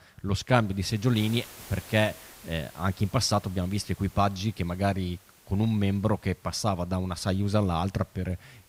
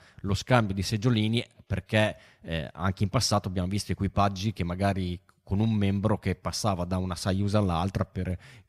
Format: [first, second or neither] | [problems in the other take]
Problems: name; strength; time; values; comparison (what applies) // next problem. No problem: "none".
second | hiss; faint; throughout; 20 dB below the speech